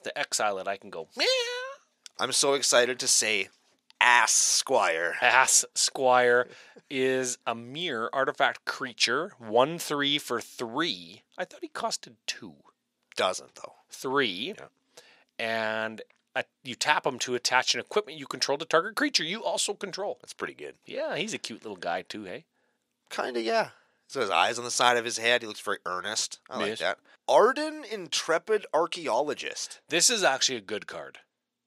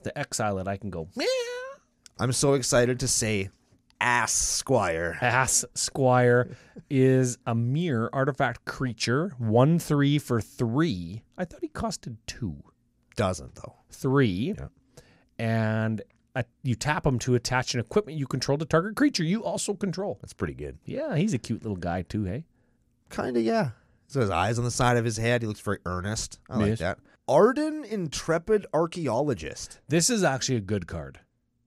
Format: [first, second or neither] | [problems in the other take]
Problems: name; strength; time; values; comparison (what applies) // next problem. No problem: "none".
second | thin; somewhat; fading below 450 Hz